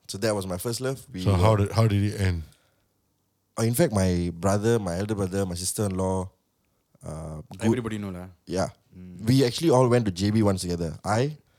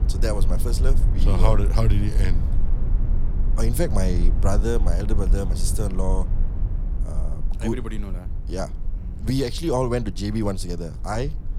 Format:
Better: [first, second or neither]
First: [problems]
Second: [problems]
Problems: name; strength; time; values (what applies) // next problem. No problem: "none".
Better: first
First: none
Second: low rumble; noticeable; throughout; 15 dB below the speech